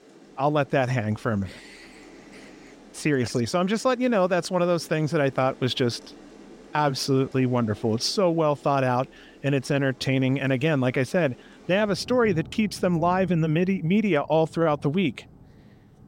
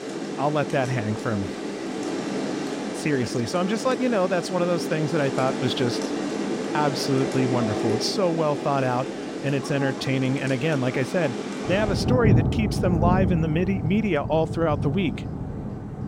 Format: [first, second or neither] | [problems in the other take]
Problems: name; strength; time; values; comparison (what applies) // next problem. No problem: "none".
first | rain or running water; loud; throughout; 3 dB below the speech; faint in the first